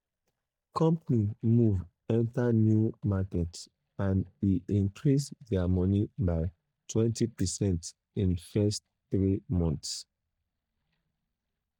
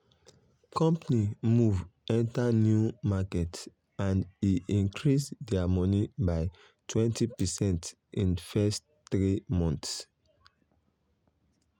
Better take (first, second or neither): second